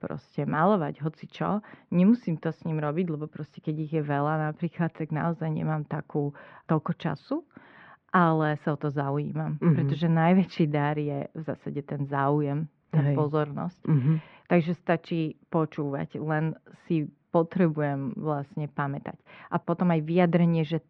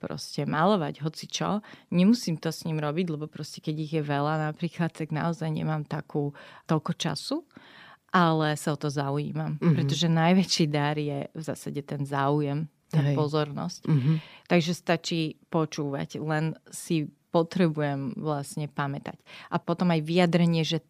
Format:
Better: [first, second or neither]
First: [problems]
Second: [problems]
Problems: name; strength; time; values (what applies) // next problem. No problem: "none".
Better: second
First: muffled; very; fading above 2 kHz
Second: none